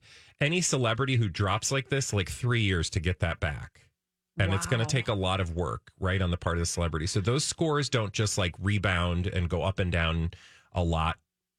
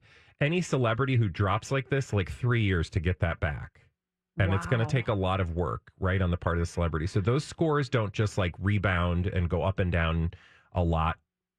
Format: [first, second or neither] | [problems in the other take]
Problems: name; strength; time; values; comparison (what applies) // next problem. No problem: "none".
first | muffled; slightly; fading above 3.5 kHz